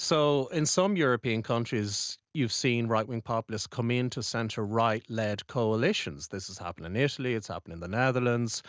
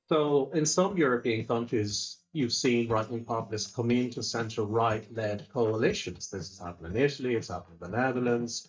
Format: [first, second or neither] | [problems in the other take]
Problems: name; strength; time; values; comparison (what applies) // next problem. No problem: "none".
first | noise reduction (neural mask model DeepFilterNet 3)